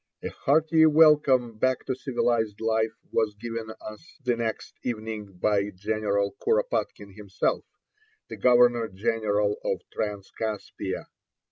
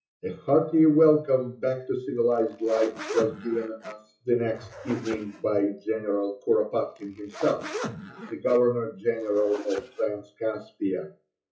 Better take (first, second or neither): first